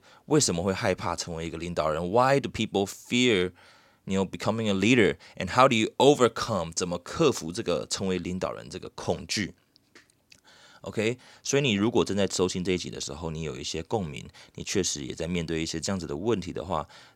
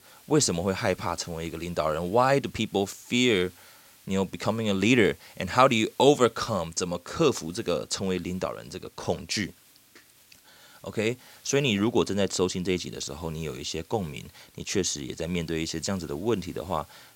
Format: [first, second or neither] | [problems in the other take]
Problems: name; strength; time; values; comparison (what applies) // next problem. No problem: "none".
first | hiss; faint; throughout; 25 dB below the speech